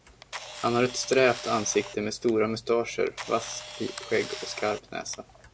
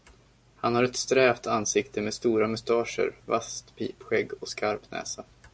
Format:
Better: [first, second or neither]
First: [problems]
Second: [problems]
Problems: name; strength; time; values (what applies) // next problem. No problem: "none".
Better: second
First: background sound (Camera); 14 dB below the speech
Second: none